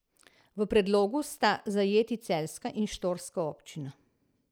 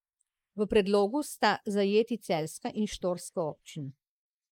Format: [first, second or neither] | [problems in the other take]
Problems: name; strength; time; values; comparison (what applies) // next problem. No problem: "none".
first | noise reduction (neural mask model Resemble Enhance denoiser)